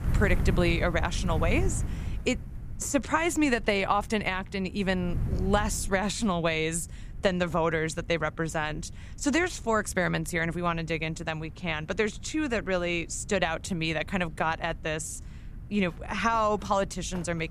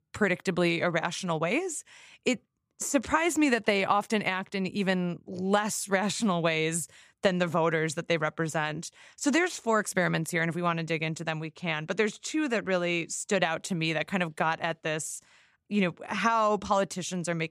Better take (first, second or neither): second